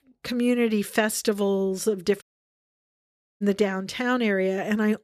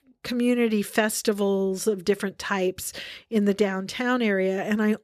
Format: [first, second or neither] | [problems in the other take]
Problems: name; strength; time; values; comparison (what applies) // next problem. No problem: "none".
second | audio cutting out; at 2 s for 1 s